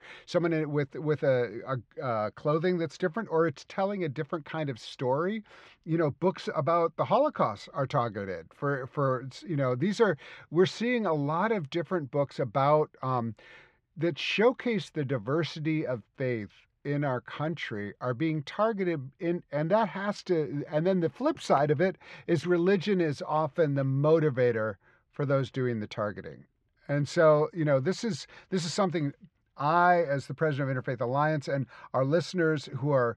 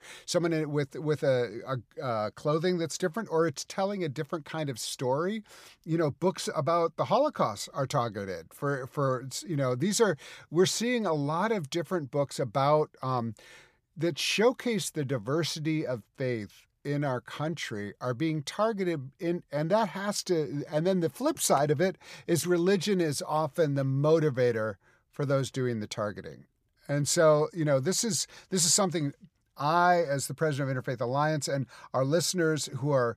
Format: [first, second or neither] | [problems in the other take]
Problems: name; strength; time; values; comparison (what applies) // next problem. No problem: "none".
second | muffled; slightly; fading above 2.5 kHz